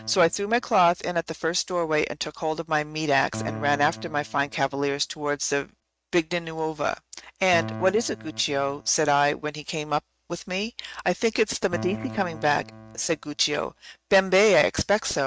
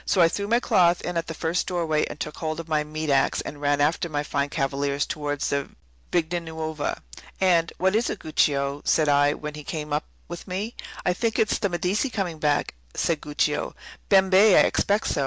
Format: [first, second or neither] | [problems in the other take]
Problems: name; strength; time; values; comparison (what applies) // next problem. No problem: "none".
second | noise reduction (neural mask model RNNoise)